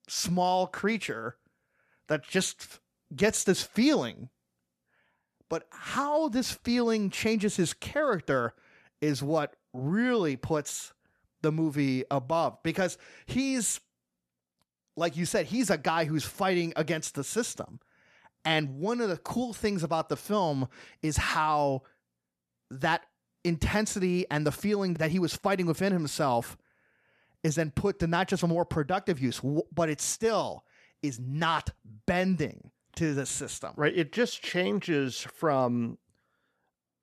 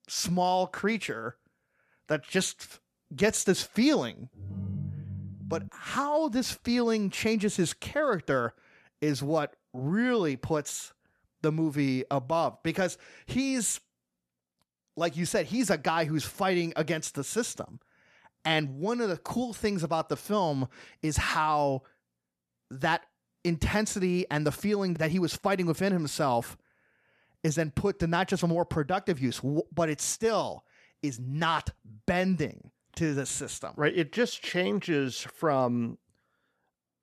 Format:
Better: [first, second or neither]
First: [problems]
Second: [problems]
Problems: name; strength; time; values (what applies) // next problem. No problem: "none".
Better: first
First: none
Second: phone ringing; noticeable; from 4.5 to 5.5 s; peak 6 dB below the speech